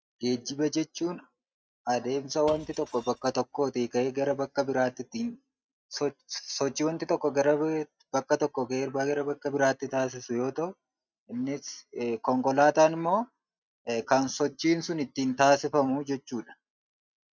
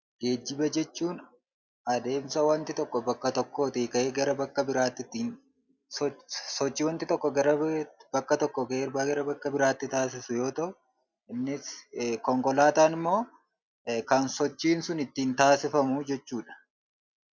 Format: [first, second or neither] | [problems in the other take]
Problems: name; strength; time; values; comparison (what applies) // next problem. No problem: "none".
second | noise reduction (neural mask model RNNoise)